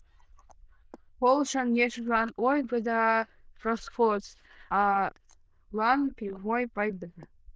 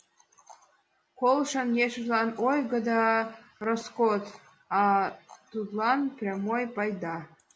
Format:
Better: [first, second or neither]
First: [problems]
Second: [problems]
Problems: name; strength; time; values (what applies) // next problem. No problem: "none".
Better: second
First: noise reduction (neural diffusion model UNIVERSE++)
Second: none